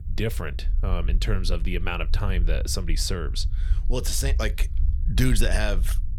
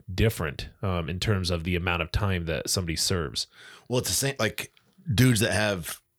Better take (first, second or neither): second